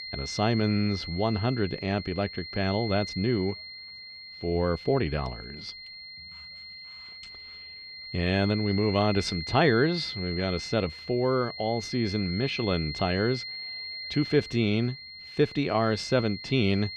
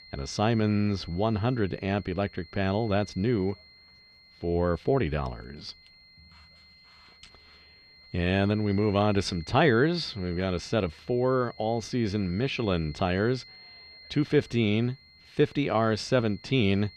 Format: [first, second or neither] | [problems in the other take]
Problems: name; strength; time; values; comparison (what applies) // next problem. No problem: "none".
second | high-pitched whine; loud; throughout; 4 kHz, 10 dB below the speech; faint in the second